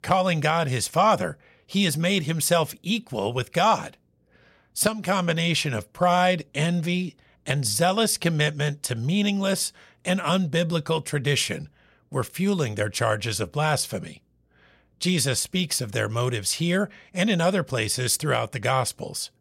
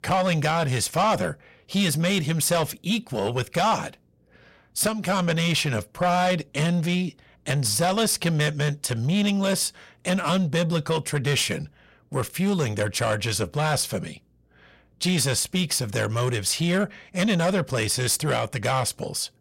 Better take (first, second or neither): first